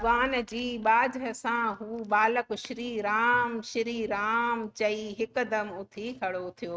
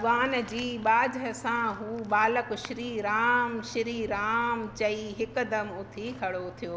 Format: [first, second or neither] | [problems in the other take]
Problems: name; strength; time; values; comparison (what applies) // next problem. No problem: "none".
second | noise reduction (neural mask model RNNoise)